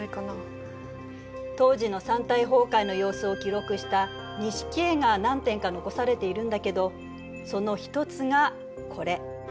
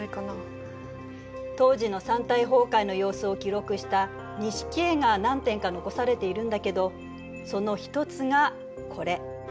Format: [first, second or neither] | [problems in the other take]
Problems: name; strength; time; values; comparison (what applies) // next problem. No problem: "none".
second | background sound (Bowed string instrument); 19 dB below the speech